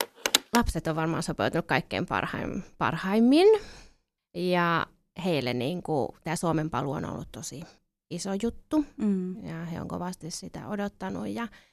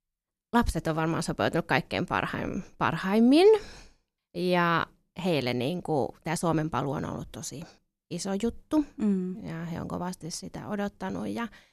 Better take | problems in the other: second | phone ringing; loud; at the start; peak 4 dB above the speech

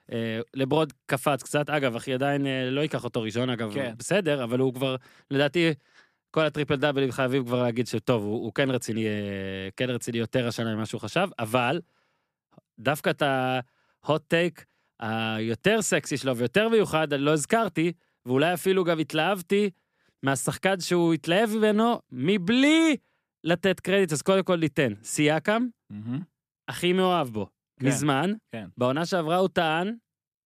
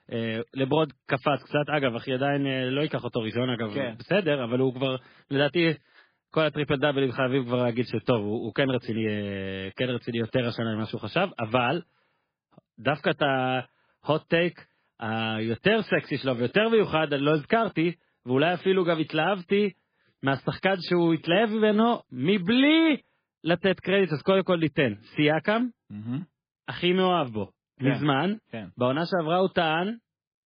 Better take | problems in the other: first | garbled, watery; badly

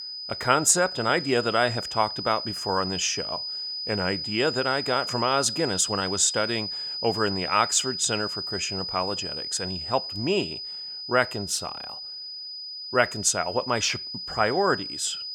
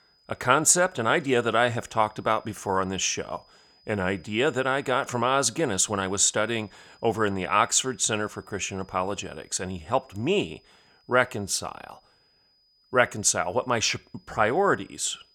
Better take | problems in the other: second | high-pitched whine; loud; throughout; 5 kHz, 5 dB below the speech; faint in the second

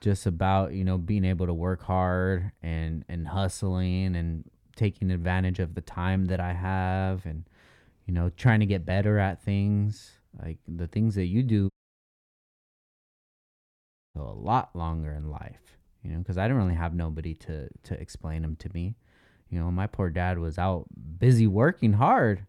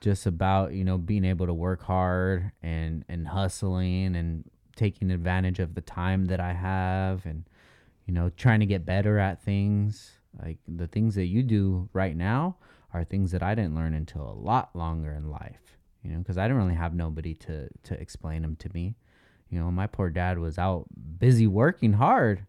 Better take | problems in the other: second | audio cutting out; at 12 s for 2.5 s

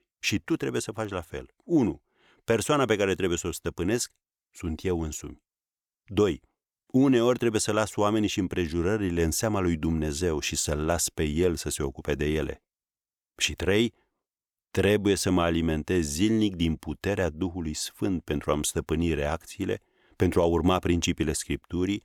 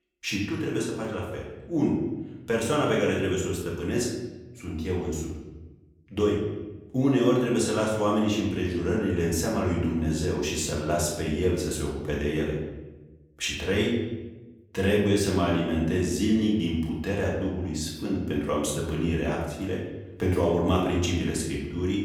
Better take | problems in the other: first | off-mic speech; far // room echo; noticeable; dies away in 1 s

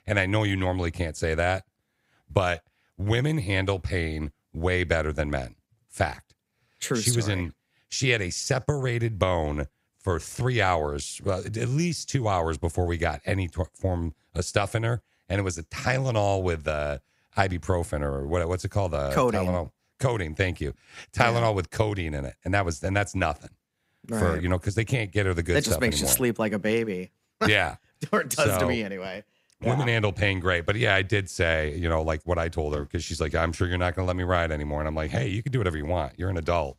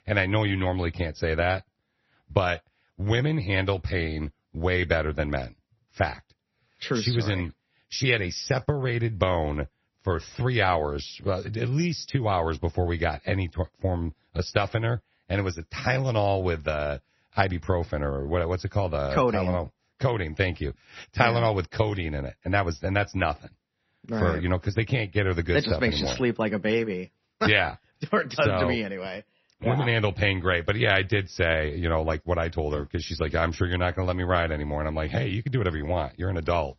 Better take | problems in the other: first | garbled, watery; slightly; nothing above 6 kHz

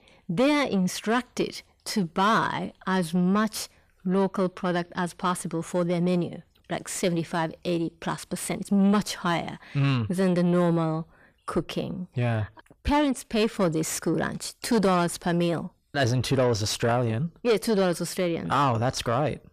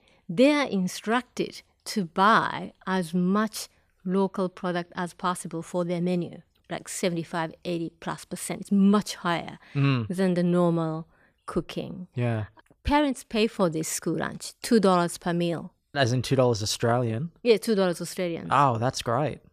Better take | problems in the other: second | distortion; slight; 10 dB below the speech

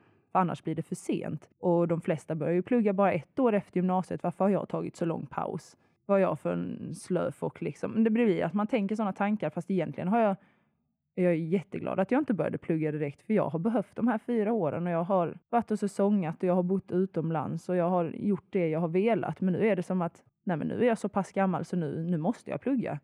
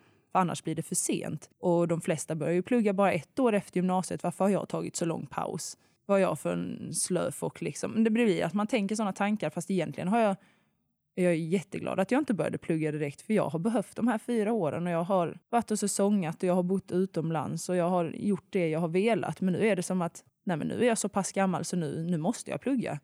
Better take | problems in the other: second | muffled; very; fading above 3.5 kHz

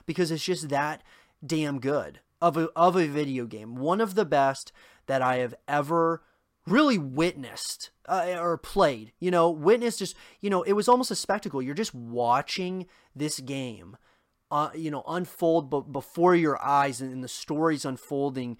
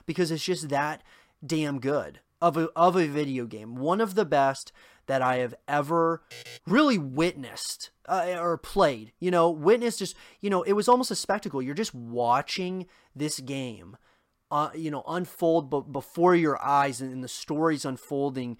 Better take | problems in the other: first | alarm; faint; at 6.5 s; peak 15 dB below the speech

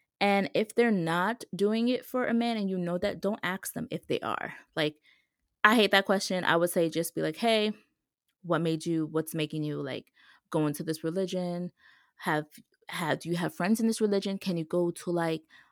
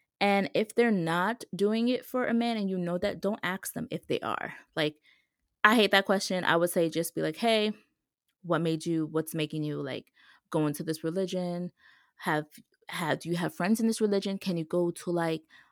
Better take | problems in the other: neither | none

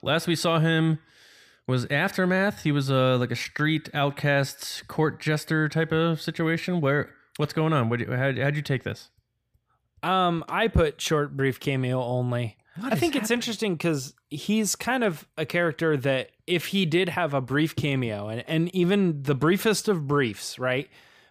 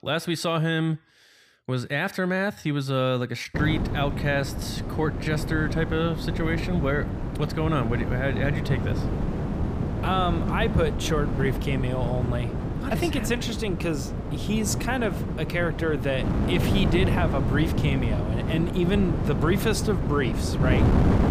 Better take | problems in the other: first | wind noise on the microphone; heavy; from 3.5 s on; 6 dB below the speech

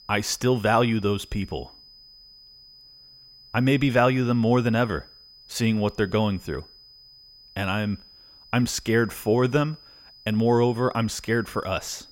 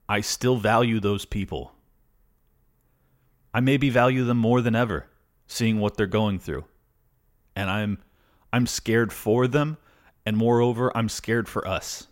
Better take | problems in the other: second | high-pitched whine; faint; throughout; 5 kHz, 25 dB below the speech

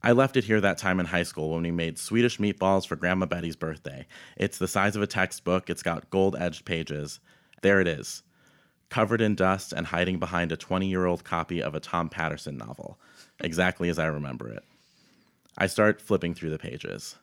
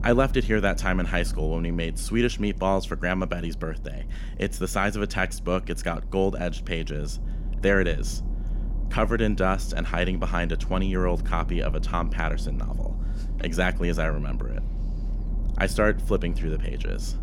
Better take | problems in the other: first | low rumble; noticeable; throughout; 20 dB below the speech

